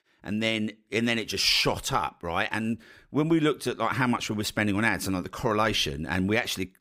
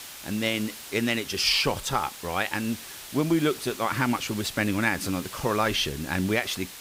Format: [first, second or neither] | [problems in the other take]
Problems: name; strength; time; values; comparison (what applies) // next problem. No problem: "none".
first | hiss; noticeable; throughout; 10 dB below the speech